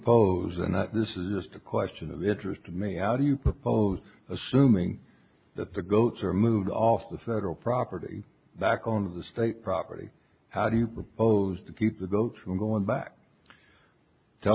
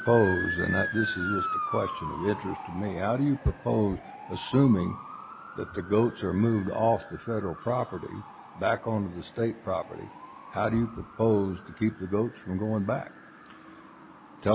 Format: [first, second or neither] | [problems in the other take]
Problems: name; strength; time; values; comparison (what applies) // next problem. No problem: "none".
first | background sound (Motor vehicle (road) / Siren); 10 dB below the speech